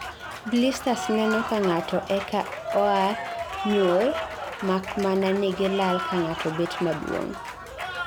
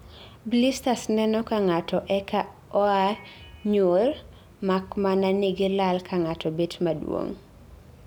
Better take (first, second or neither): second